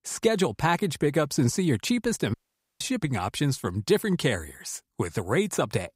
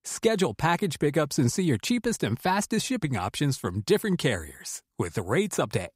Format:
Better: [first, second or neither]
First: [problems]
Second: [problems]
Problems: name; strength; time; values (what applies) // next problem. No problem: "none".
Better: second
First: audio cutting out; at 2.5 s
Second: none